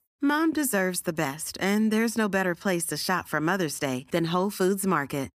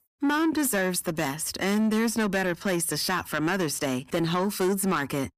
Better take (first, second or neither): first